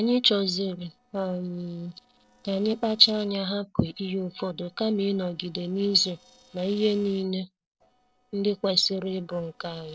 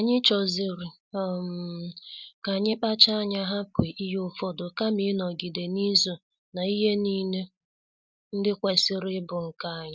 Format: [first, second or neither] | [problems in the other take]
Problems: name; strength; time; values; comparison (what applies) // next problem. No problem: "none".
second | noise reduction (neural separator model SepFormer DNS4)